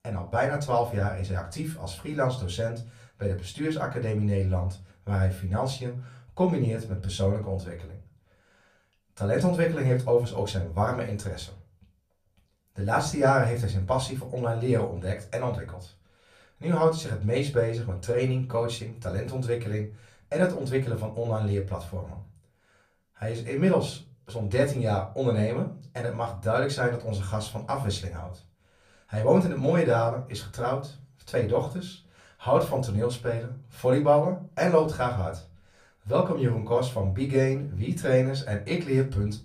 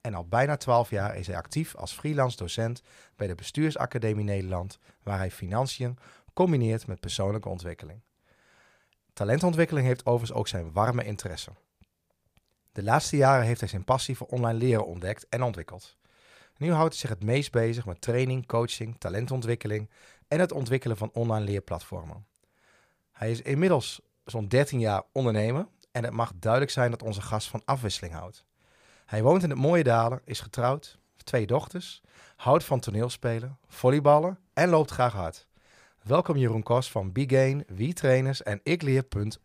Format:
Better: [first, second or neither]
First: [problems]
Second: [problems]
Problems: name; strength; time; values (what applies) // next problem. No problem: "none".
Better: second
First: off-mic speech; far // room echo; very slight; dies away in 0.3 s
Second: none